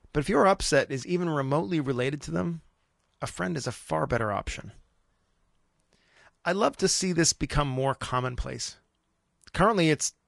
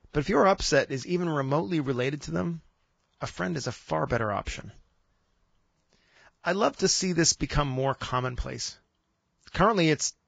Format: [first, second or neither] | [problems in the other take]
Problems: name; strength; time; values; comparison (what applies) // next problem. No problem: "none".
first | garbled, watery; badly; nothing above 7.5 kHz; slightly in the first